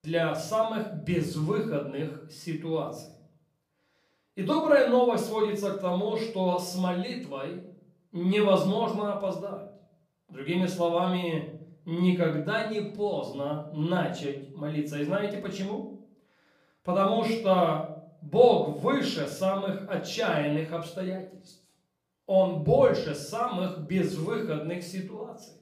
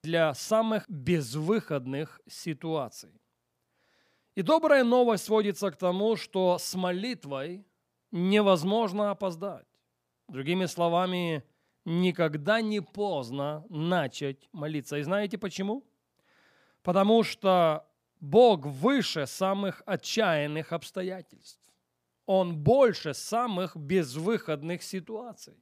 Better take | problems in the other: second | off-mic speech; far // room echo; slight; dies away in 0.5 s

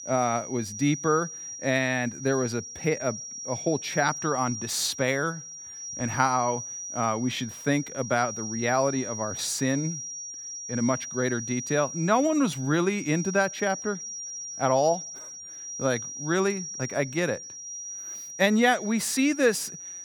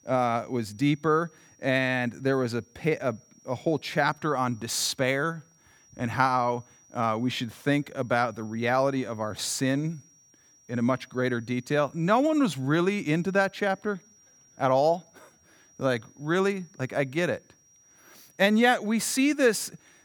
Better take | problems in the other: second | high-pitched whine; loud; throughout; 5.5 kHz, 8 dB below the speech; faint in the second

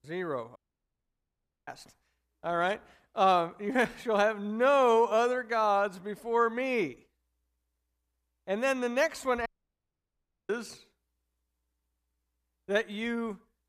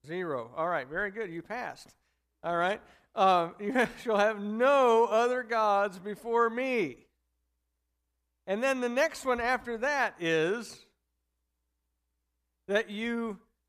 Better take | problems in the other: second | audio cutting out; at 0.5 s for 1 s and at 9.5 s for 1 s

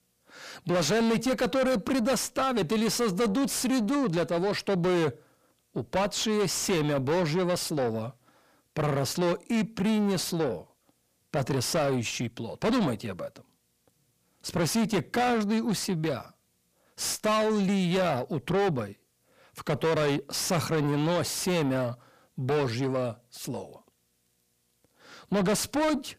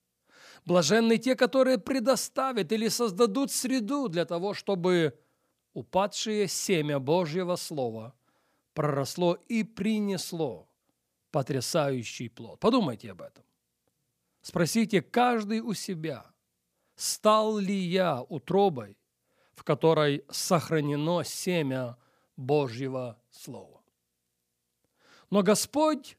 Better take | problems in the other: second | distortion; heavy; 6 dB below the speech

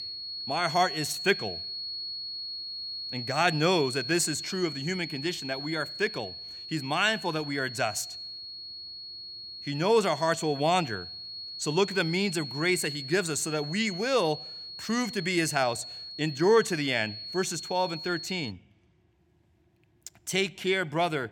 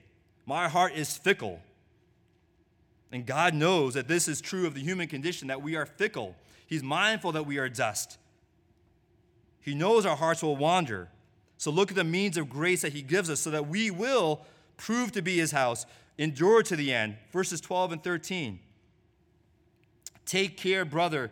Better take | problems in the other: second | high-pitched whine; loud; until 19 s; 4.5 kHz, 8 dB below the speech

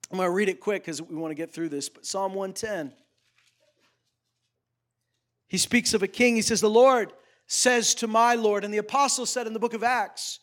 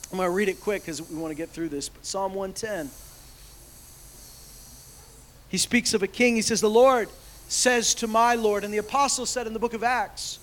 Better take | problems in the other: first | hiss; faint; throughout; 20 dB below the speech

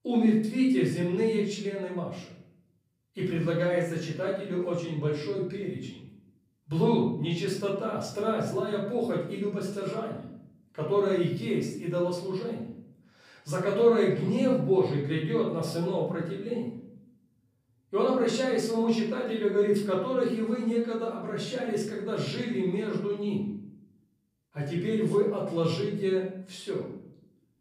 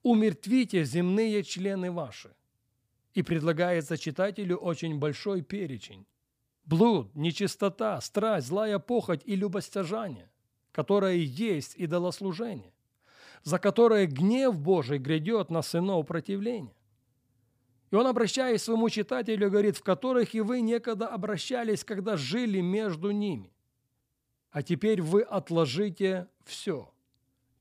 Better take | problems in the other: second | off-mic speech; far // room echo; noticeable; dies away in 0.6 s

